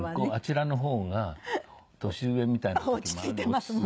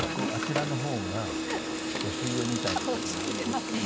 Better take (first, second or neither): first